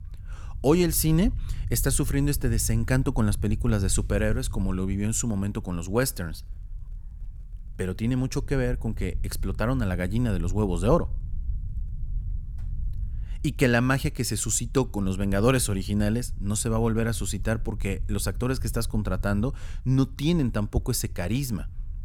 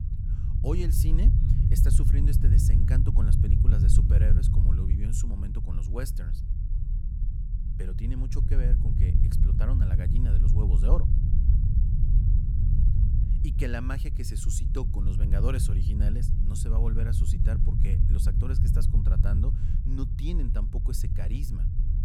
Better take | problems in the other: first | low rumble; loud; throughout; 1 dB below the speech; faint in the first

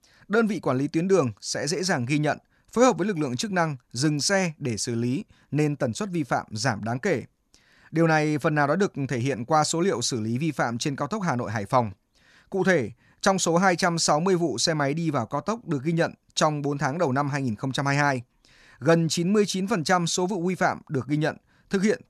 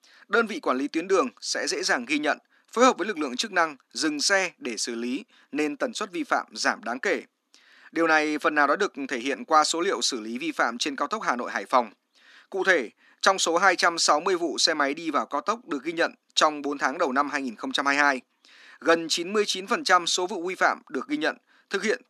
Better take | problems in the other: first | thin; somewhat; fading below 250 Hz

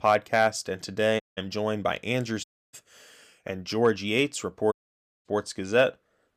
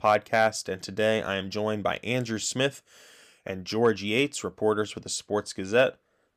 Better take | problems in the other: second | audio cutting out; at 1 s, at 2.5 s and at 4.5 s for 0.5 s

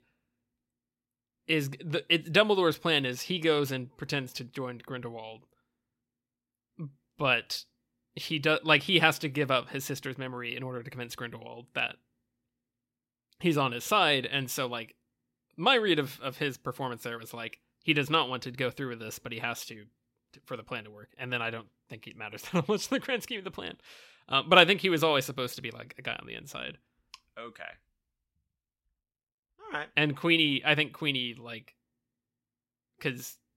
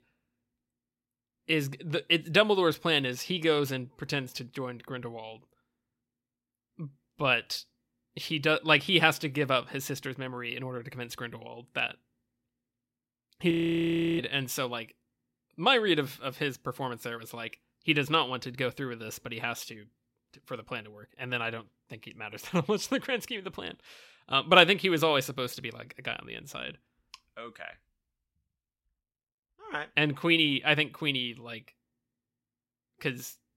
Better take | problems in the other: first | audio freezing; at 14 s for 0.5 s

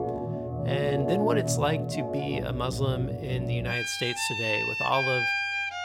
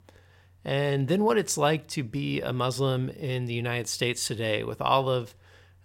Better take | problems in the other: second | background music; very loud; throughout; 1 dB above the speech

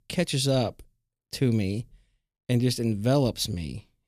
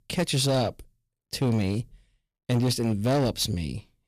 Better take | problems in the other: first | distortion; slight; 8% of the sound clipped

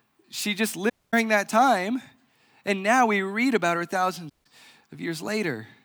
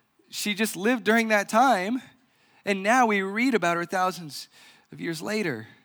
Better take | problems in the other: second | audio cutting out; at 1 s and at 4.5 s

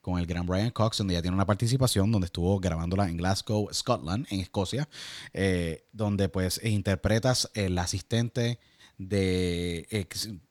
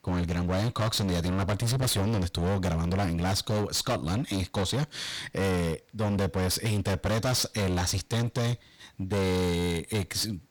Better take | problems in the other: first | distortion; heavy; 28% of the sound clipped

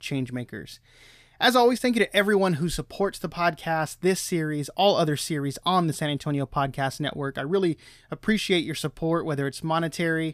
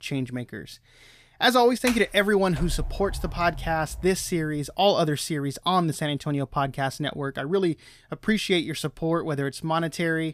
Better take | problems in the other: first | door banging; noticeable; from 2 to 4 s; peak 7 dB below the speech

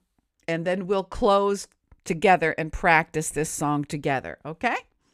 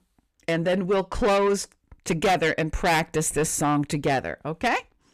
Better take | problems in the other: first | distortion; heavy; 6 dB below the speech

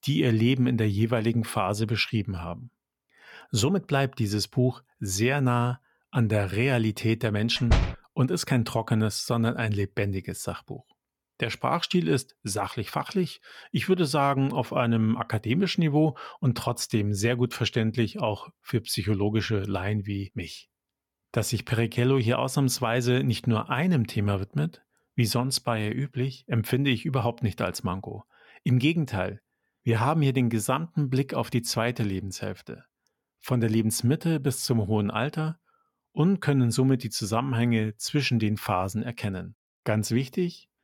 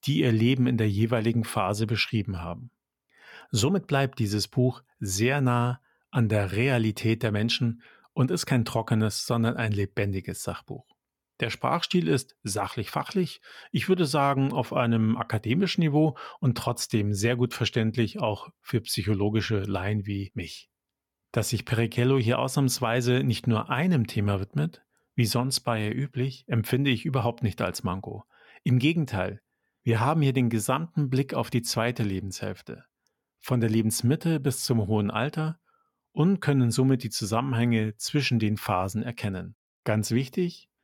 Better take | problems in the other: second | door banging; loud; at 7.5 s; peak level with the speech

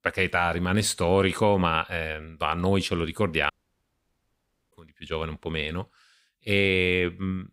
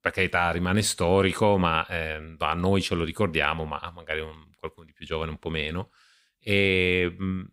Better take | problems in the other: second | audio cutting out; at 3.5 s for 1 s

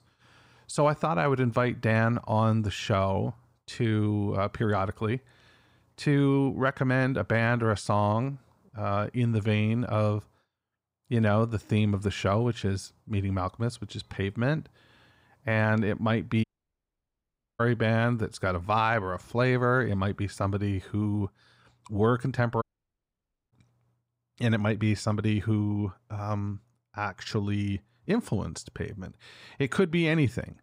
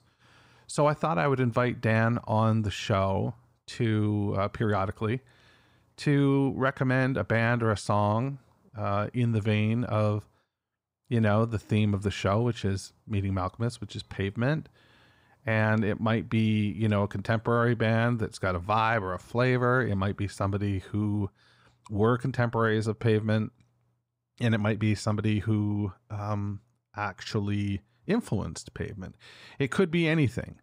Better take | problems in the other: second | audio cutting out; at 16 s for 1 s and at 23 s for 1 s

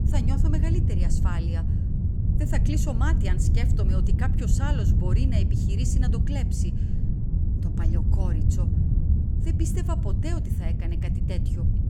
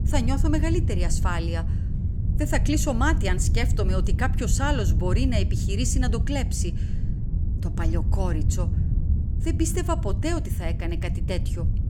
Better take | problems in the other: second | wind noise on the microphone; heavy; 1 dB below the speech; occasional gusts in the second

